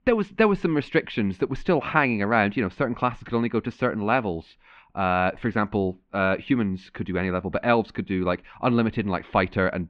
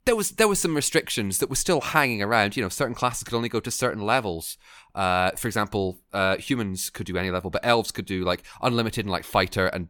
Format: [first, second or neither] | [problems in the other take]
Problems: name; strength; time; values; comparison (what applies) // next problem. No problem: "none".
second | muffled; very; fading above 3 kHz